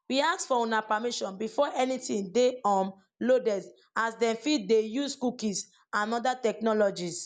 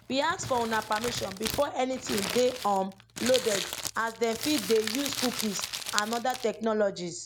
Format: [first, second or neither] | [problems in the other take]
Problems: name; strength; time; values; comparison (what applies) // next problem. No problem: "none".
first | background sound (Crumpling, crinkling); 7 dB below the speech